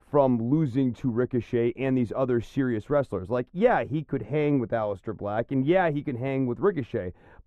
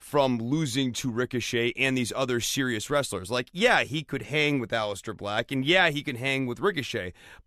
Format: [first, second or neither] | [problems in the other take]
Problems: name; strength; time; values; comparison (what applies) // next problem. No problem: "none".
second | muffled; very; fading above 2 kHz